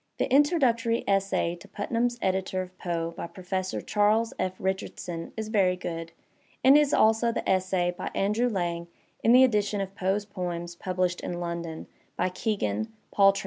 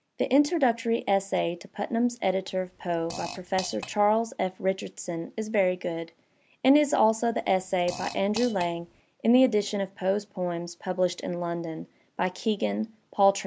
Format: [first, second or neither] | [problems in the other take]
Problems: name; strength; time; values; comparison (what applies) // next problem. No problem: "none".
first | background sound (Fart); 15 dB below the speech